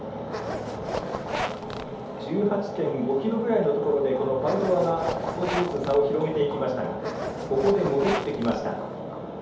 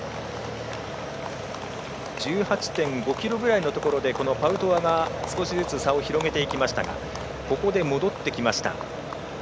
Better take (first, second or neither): second